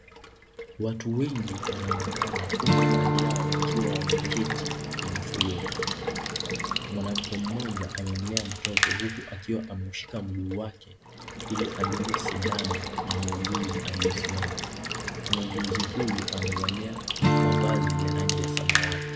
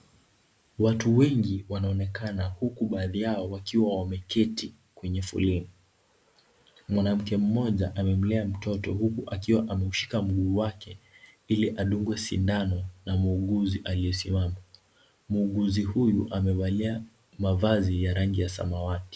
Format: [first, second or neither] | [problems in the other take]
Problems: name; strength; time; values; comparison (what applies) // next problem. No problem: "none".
second | background sound (Water tap, faucet / Water / Liquid + Strum); 4 dB above the speech